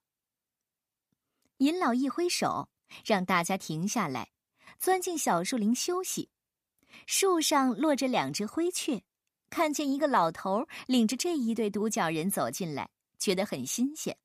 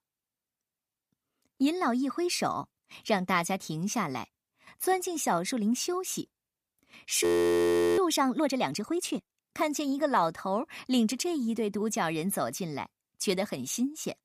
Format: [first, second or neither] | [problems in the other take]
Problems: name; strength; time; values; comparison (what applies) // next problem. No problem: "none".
first | audio freezing; at 7 s for 0.5 s